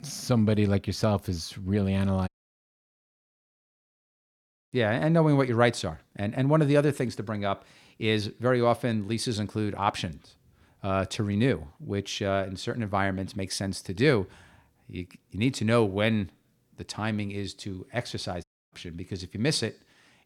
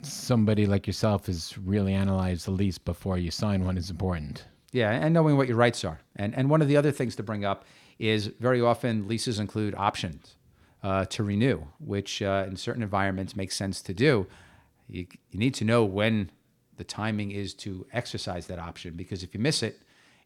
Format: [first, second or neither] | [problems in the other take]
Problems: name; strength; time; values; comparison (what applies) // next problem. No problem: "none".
second | audio cutting out; at 2.5 s for 2.5 s and at 18 s